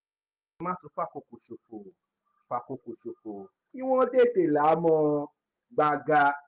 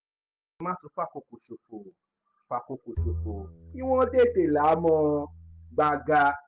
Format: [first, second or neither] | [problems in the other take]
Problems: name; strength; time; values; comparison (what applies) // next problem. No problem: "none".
first | background sound (Bowed string instrument); 10 dB below the speech